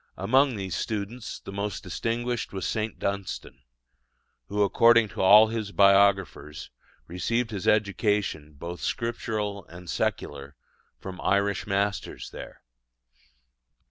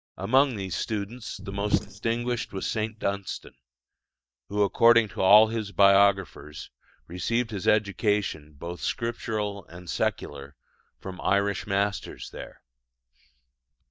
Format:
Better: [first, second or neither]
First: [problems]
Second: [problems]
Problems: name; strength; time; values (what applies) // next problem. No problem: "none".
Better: first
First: none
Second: noise reduction (neural mask model DeepFilterNet 3)